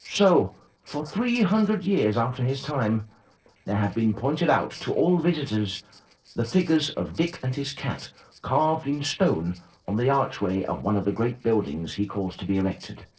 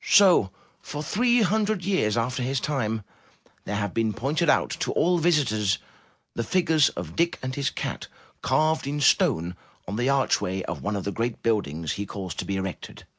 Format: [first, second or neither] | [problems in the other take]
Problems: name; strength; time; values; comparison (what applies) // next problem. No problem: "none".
second | noise reduction (neural separator model SepFormer DNS4)